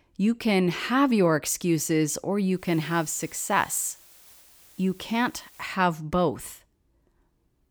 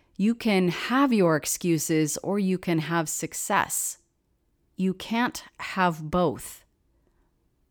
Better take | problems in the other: second | hiss; faint; from 2.5 to 5.5 s; 25 dB below the speech

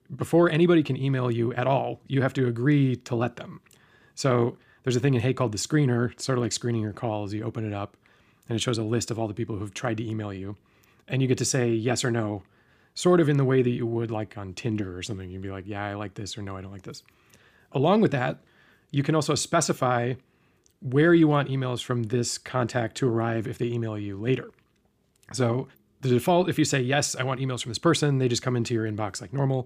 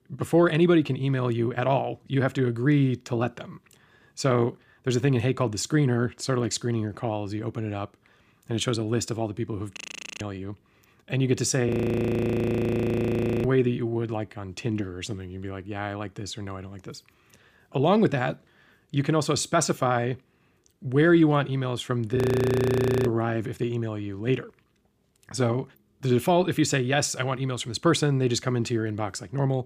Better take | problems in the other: first | audio freezing; at 10 s, at 12 s for 2 s and at 22 s for 1 s

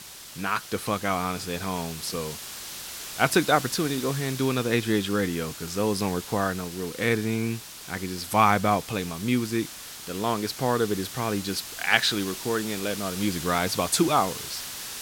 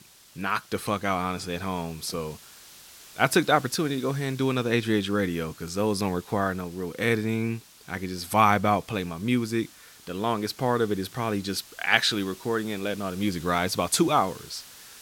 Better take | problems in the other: second | hiss; loud; throughout; 10 dB below the speech; faint in the second

